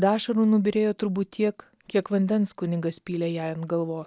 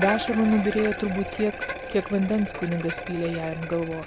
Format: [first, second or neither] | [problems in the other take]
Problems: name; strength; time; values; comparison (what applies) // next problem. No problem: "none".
first | background sound (Bicycle); 8 dB below the speech